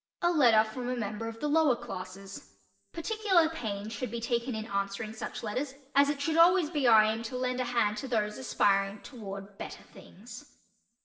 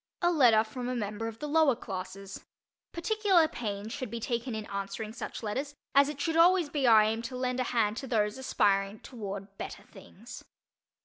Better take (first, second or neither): second